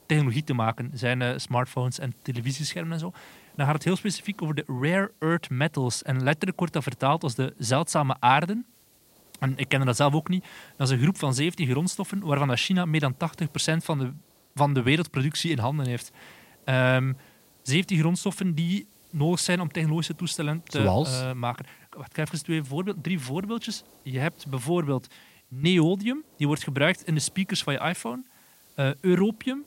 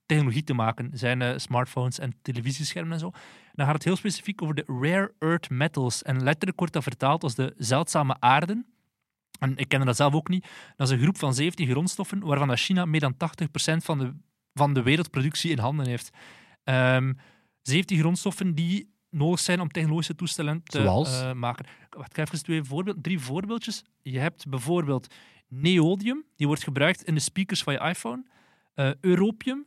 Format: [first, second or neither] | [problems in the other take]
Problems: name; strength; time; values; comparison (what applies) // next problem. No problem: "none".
second | hiss; faint; throughout; 30 dB below the speech